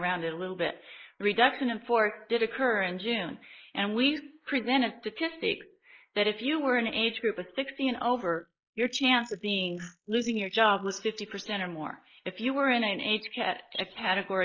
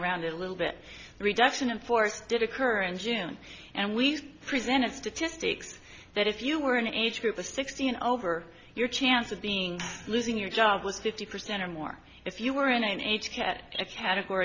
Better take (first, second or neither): second